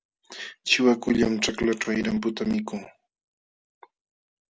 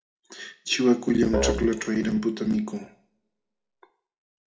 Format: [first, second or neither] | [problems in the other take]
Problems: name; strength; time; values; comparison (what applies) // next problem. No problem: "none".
first | background sound (Musical instrument); 7 dB below the speech // room echo; dies away in 0.4 s